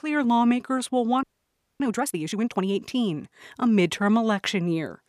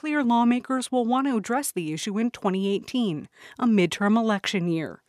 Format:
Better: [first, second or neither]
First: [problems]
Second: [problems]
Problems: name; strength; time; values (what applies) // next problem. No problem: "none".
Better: second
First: audio freezing; at 1 s for 0.5 s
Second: none